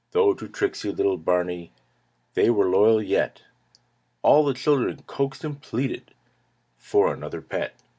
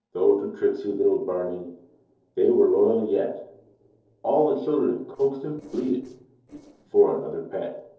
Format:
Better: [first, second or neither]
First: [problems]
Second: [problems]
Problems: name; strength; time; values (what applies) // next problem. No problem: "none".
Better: first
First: none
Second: noise reduction (neural separator model SepFormer DNS4)